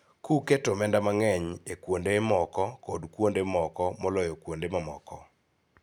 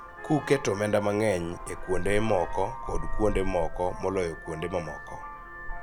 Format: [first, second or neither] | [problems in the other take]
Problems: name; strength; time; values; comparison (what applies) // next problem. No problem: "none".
first | background sound (Vehicle horn, car horn, honking); 4 dB below the speech